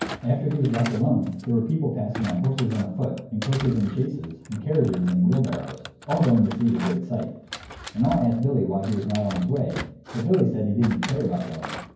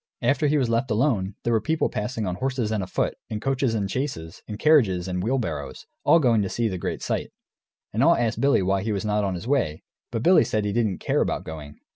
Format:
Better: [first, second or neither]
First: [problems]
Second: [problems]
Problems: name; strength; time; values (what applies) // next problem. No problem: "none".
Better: second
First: background sound (Thump, thud); 14 dB below the speech // room echo; dies away in 0.9 s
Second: none